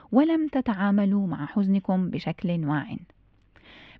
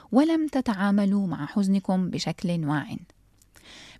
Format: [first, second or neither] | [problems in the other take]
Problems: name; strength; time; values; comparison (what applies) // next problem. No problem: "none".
second | muffled; slightly; fading above 3 kHz